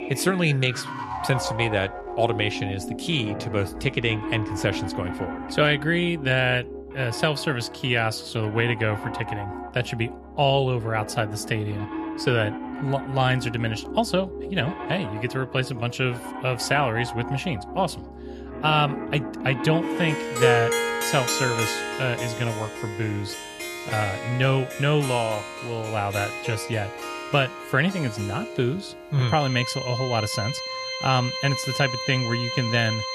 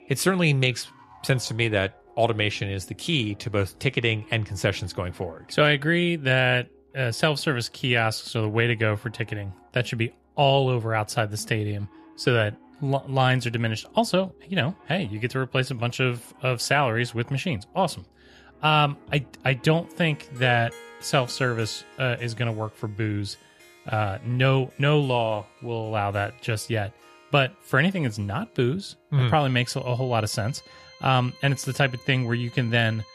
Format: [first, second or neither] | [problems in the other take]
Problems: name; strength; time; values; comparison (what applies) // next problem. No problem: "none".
second | background music; loud; throughout; 6 dB below the speech; faint in the second